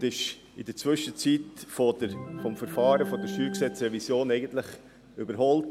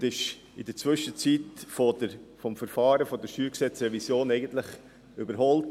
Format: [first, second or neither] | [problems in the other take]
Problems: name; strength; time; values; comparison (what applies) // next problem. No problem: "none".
second | background sound (Organ); 12 dB below the speech